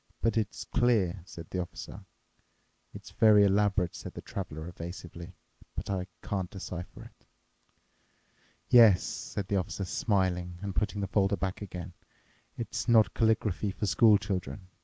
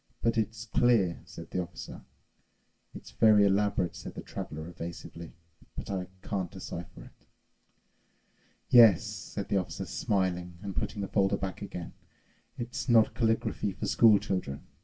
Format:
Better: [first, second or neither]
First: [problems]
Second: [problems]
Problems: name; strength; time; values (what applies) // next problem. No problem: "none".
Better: first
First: none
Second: room echo; dies away in 0.2 s